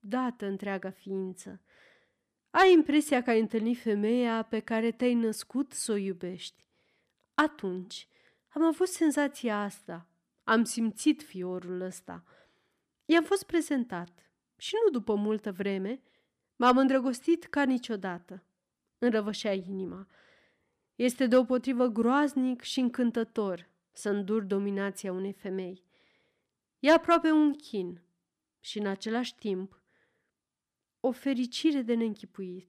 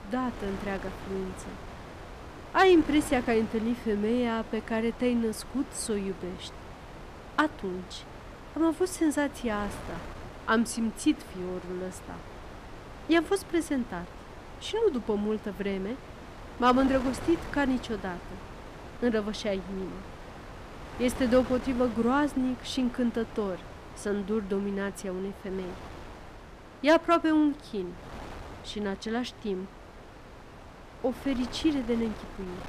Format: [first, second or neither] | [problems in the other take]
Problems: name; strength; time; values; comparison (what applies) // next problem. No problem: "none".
first | wind noise on the microphone; occasional gusts; 15 dB below the speech